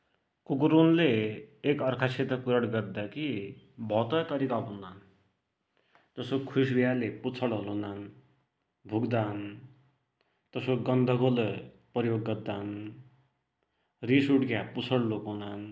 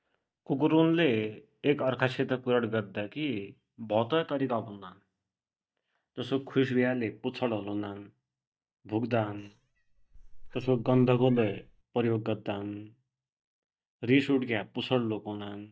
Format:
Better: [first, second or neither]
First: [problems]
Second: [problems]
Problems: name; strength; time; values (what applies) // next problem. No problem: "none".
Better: first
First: none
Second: noise reduction (neural mask model DeepFilterNet 3)